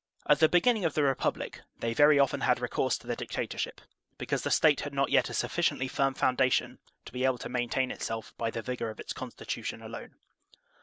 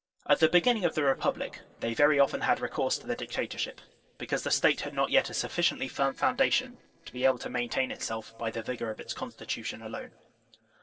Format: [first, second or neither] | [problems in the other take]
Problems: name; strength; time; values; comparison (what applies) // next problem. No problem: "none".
first | noise reduction (neural separator model SepFormer DNS4)